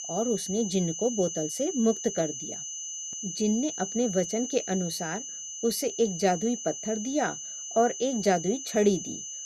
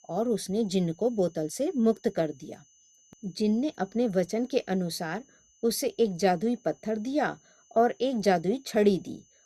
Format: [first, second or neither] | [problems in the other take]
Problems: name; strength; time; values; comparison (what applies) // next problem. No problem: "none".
second | high-pitched whine; loud; throughout; 6 kHz, 6 dB below the speech; faint in the second